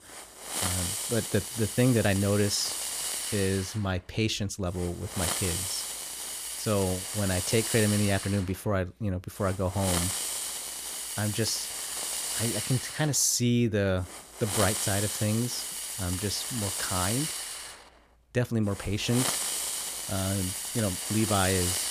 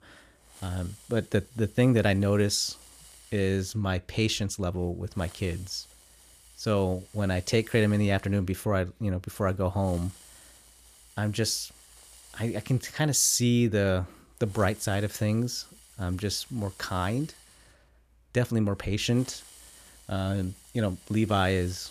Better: second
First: hiss; loud; throughout; 2 dB below the speech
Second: hiss; faint; throughout; 25 dB below the speech

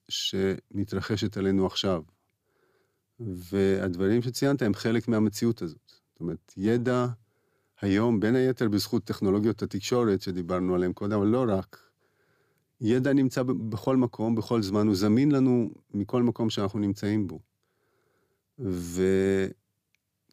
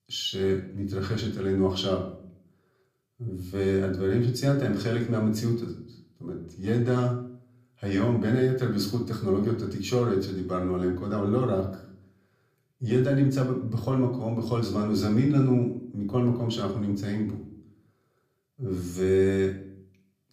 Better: first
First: none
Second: room echo; slight; dies away in 0.5 s // off-mic speech; somewhat distant

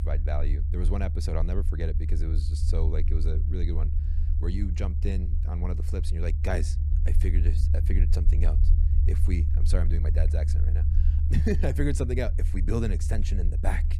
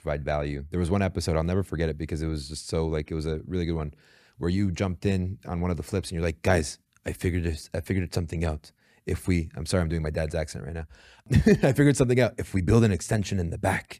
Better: second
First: low rumble; loud; throughout; 7 dB below the speech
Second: none

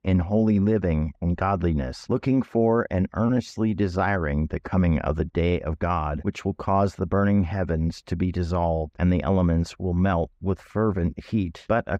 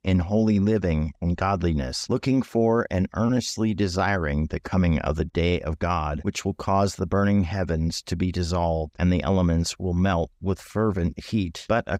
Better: second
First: muffled; slightly; fading above 3 kHz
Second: none

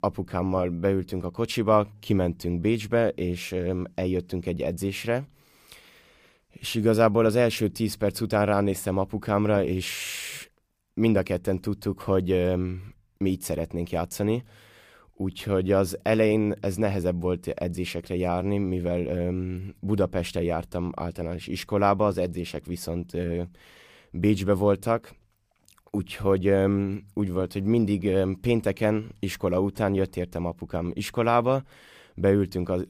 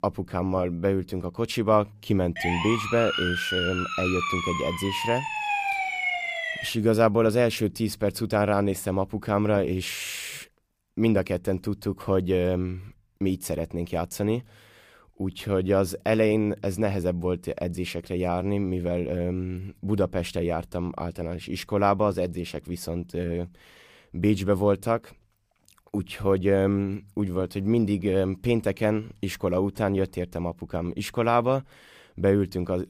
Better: first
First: none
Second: siren; loud; from 2.5 to 6.5 s; peak 1 dB above the speech

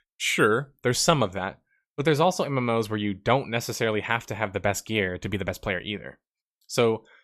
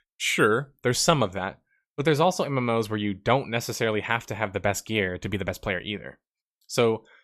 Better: neither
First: none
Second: none

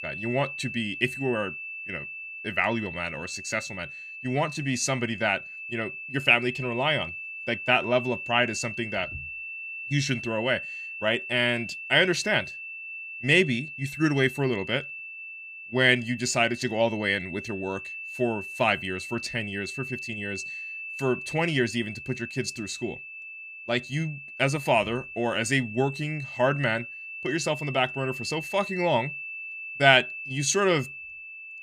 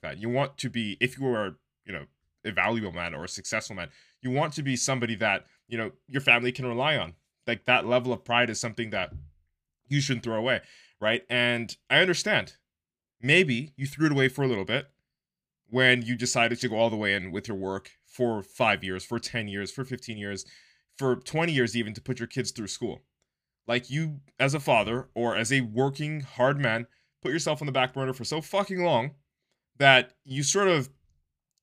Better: second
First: high-pitched whine; loud; throughout; 2.5 kHz, 9 dB below the speech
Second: none

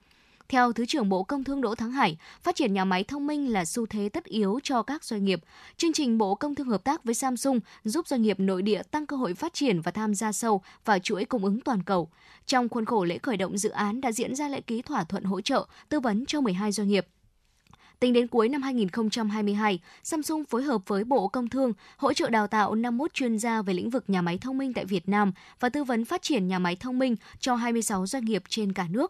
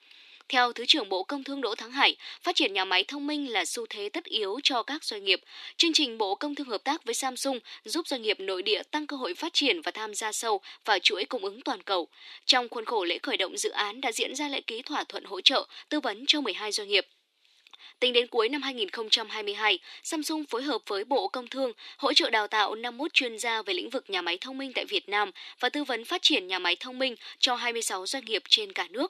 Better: first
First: none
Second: thin; somewhat; fading below 300 Hz

